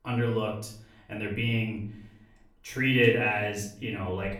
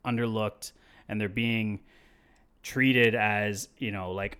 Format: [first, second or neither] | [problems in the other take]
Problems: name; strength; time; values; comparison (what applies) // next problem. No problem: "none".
second | off-mic speech; far // room echo; slight; dies away in 0.5 s